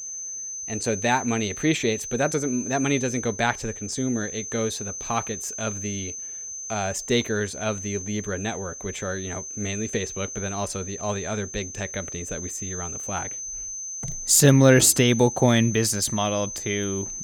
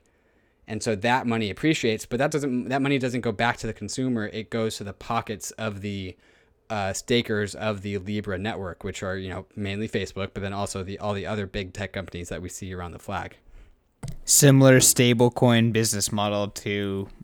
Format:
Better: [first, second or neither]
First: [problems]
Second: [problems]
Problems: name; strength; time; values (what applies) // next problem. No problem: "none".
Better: second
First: high-pitched whine; loud; throughout; 6 kHz, 8 dB below the speech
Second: none